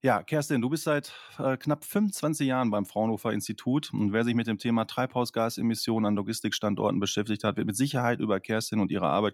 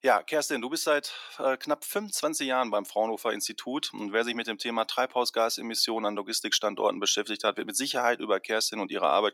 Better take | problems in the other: first | thin; somewhat; fading below 400 Hz

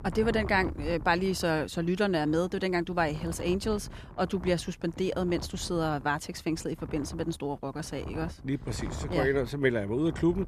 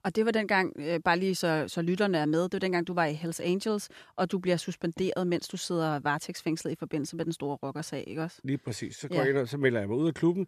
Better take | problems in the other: second | wind noise on the microphone; occasional gusts; 15 dB below the speech

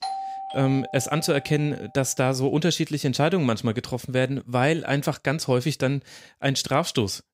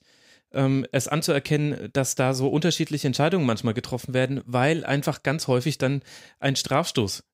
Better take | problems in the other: second | doorbell; noticeable; until 1.5 s; peak 7 dB below the speech

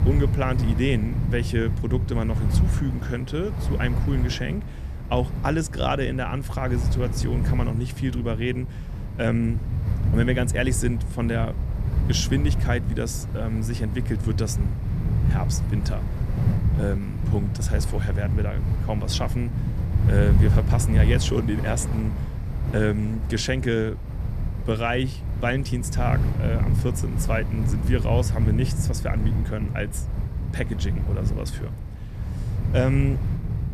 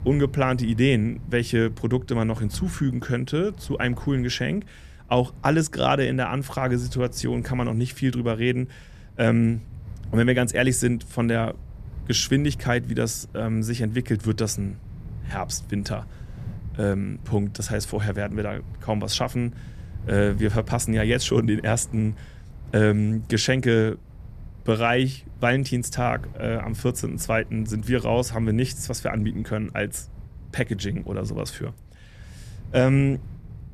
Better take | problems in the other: second | wind noise on the microphone; heavy; 8 dB below the speech; occasional gusts in the second

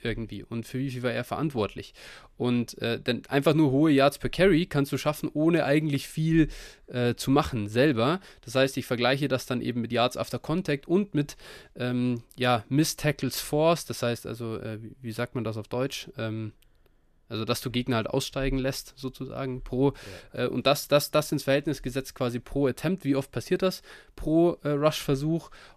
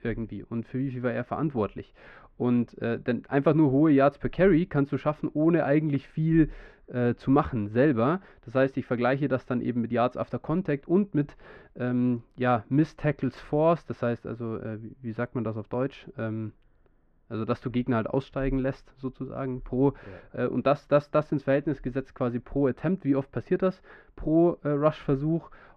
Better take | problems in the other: first | muffled; very; fading above 1.5 kHz

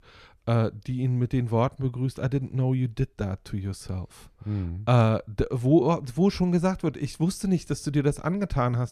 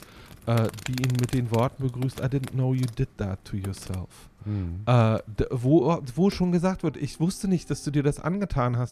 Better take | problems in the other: first | animal sounds; noticeable; throughout; 15 dB below the speech

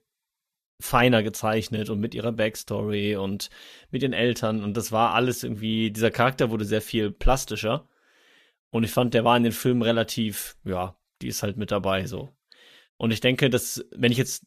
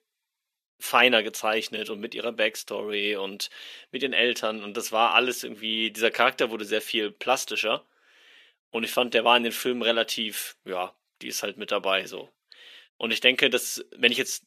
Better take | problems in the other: first | thin; somewhat; fading below 300 Hz

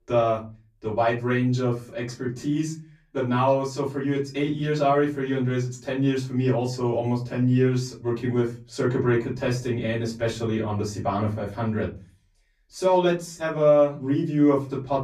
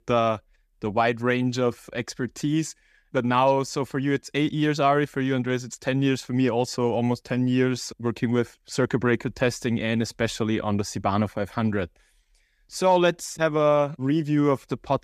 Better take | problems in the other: second | off-mic speech; far // room echo; slight; dies away in 0.3 s

